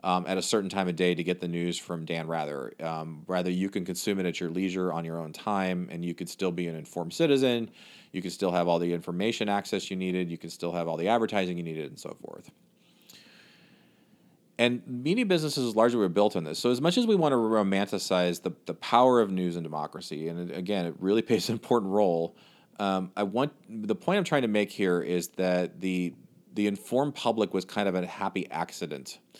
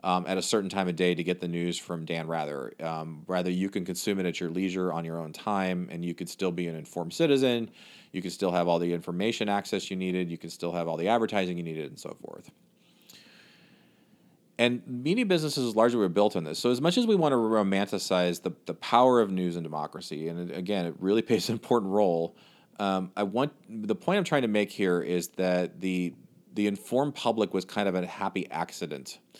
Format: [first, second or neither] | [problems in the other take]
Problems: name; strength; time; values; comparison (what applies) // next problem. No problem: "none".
neither | none